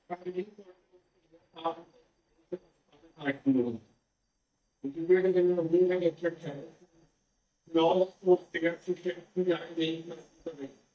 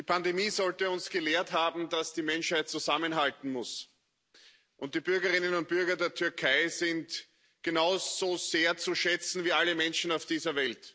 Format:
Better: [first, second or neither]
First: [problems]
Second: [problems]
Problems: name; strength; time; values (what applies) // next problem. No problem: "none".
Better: second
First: noise reduction (neural mask model DeepFilterNet 3)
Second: none